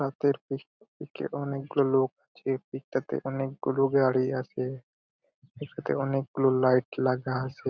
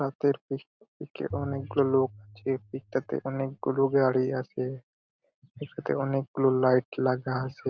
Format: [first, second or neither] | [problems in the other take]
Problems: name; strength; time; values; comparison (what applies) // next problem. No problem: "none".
first | background sound (Bowed string instrument); 16 dB below the speech